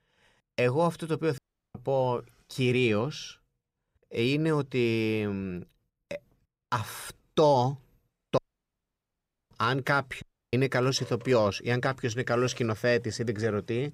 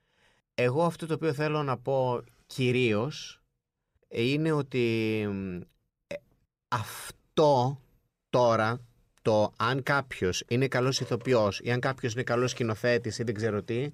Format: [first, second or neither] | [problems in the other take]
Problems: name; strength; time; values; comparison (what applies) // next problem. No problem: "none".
second | audio cutting out; at 1.5 s, at 8.5 s for 1 s and at 10 s